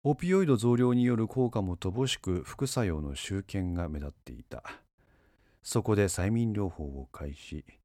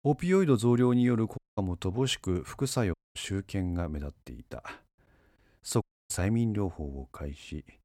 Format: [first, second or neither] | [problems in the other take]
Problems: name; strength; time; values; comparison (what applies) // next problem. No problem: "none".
first | audio cutting out; at 1.5 s, at 3 s and at 6 s